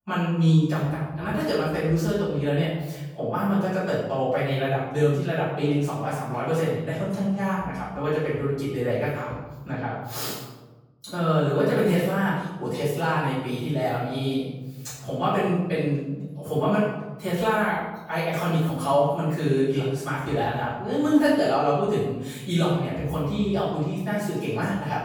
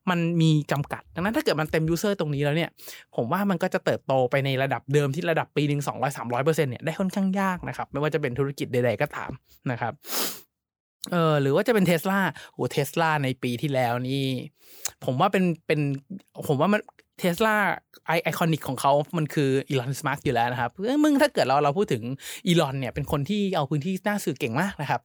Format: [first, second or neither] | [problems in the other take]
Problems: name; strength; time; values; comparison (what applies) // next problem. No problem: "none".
second | off-mic speech; far // room echo; strong; dies away in 1.2 s